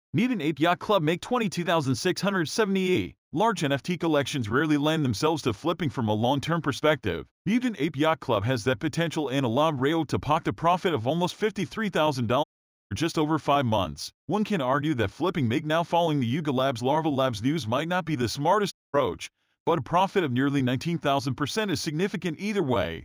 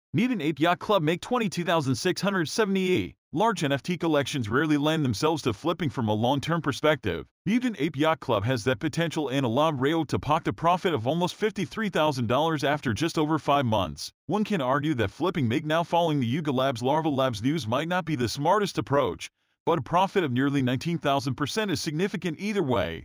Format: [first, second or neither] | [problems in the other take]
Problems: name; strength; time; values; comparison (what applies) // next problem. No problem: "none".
second | audio cutting out; at 12 s and at 19 s